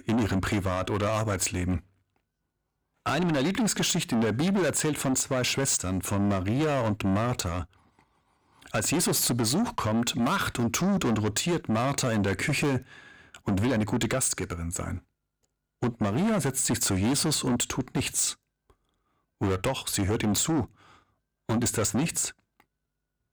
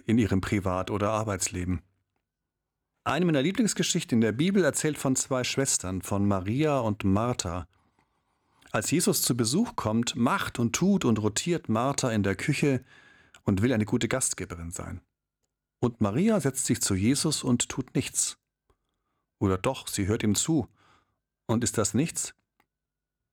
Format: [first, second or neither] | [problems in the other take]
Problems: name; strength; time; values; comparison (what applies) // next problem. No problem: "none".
second | distortion; heavy; 7 dB below the speech